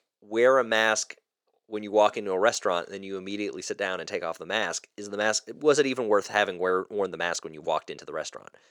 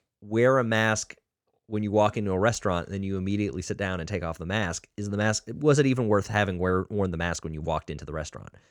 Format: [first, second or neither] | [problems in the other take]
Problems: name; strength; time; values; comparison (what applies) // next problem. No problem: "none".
second | thin; somewhat; fading below 450 Hz